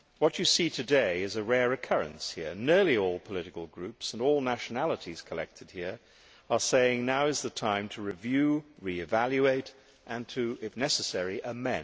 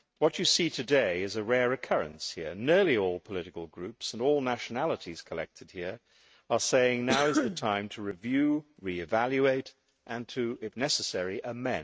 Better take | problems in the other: first | noise reduction (neural mask model RNNoise)

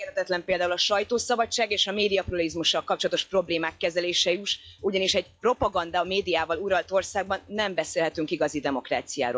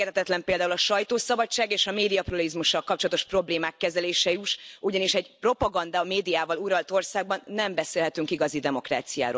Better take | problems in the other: second | noise reduction (classical method log-MMSE)

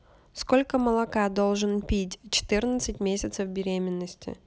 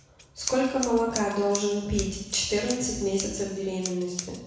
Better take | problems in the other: first | background sound (Scissors); 11 dB below the speech // room echo; dies away in 1.1 s

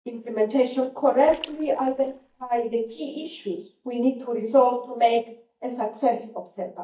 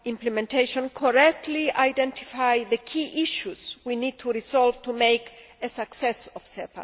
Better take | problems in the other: second | noise reduction (neural mask model DeepFilterNet 3)

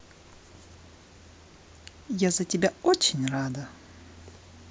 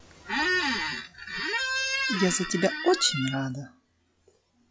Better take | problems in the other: first | noise reduction (classical method log-MMSE)

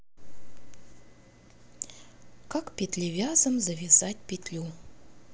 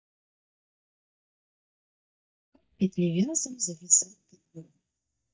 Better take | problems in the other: first | noise reduction (neural mask model DeepFilterNet 3)

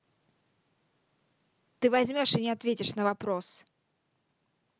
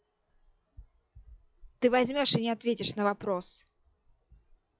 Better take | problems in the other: first | noise reduction (classical method log-MMSE)

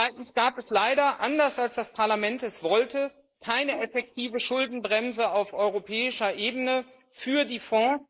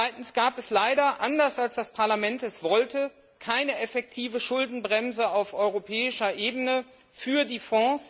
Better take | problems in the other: second | noise reduction (neural mask model Resemble Enhance denoiser)

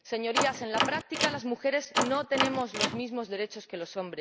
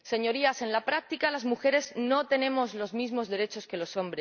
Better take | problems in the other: second | background sound (Door); as loud as the speech

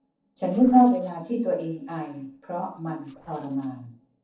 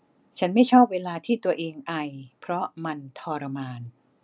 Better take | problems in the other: second | noise reduction (neural separator model SepFormer DNS4)

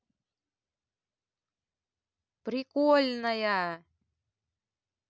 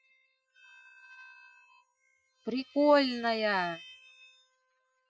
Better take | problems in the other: first | noise reduction (classical method Wiener filter)

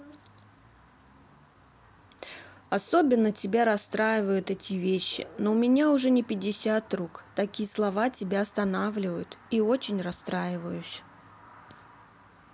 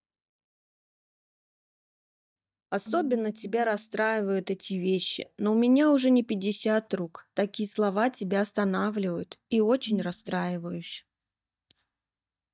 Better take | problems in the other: first | noise reduction (neural mask model DeepFilterNet 3)

